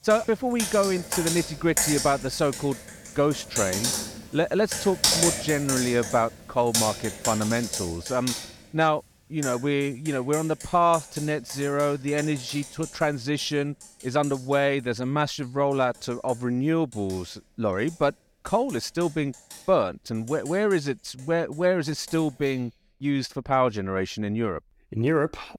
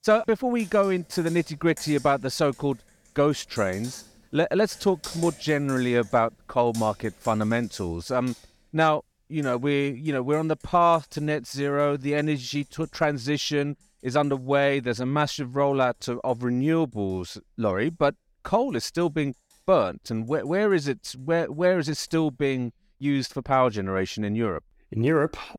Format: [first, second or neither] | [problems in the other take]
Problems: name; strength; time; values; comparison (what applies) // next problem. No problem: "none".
second | household noises; loud; throughout; 3 dB below the speech; faint in the second